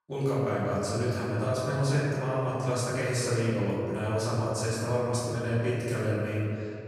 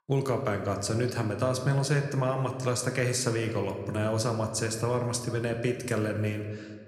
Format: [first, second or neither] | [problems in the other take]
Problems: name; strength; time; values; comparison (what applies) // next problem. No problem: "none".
second | room echo; strong; dies away in 2.2 s; slight in the second // off-mic speech; far